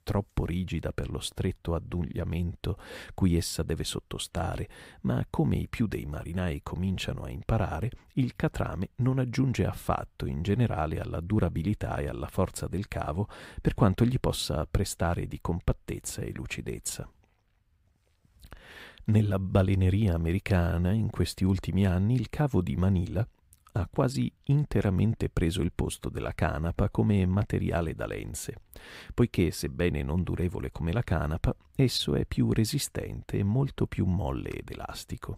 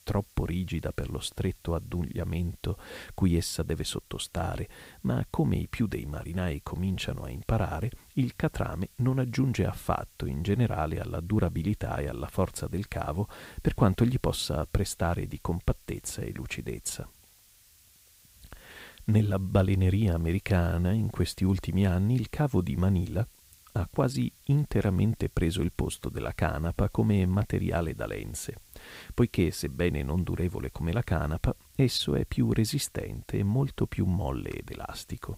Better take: first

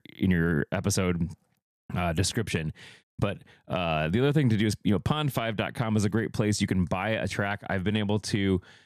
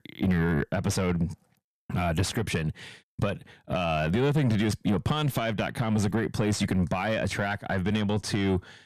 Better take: first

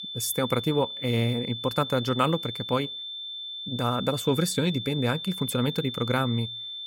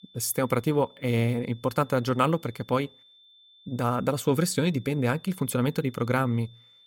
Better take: second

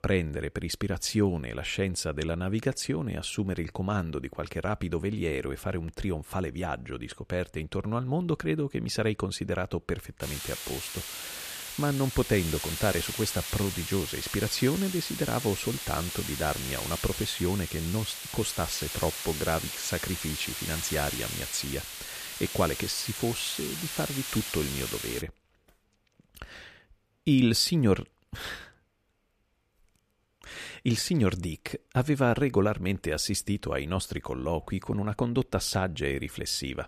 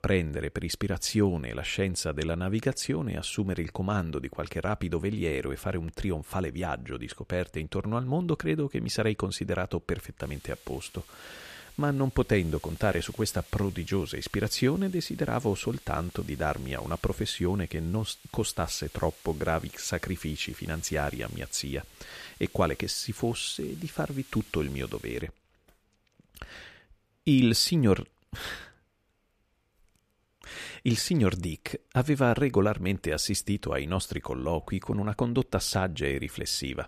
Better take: second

